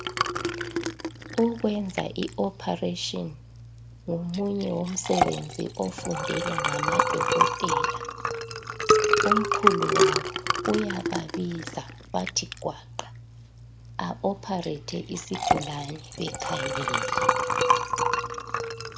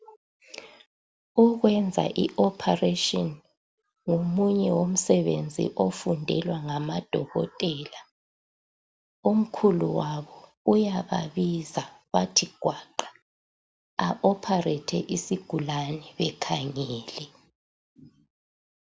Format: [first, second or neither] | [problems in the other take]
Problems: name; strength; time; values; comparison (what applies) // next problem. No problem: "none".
second | background sound (Liquid); 4 dB above the speech